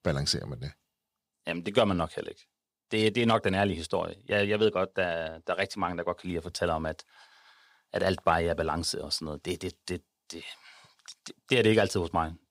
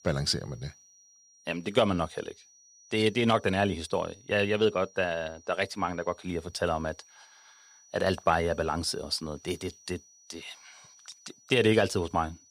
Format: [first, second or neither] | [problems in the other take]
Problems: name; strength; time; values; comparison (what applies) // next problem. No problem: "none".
first | high-pitched whine; faint; throughout; 6 kHz, 25 dB below the speech